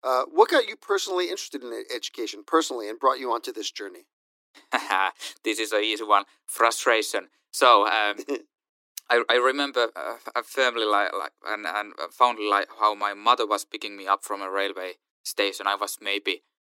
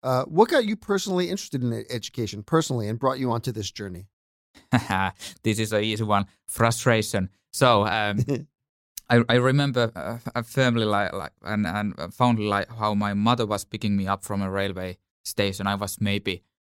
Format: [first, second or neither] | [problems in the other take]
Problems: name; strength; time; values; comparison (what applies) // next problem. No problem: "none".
second | thin; very; fading below 300 Hz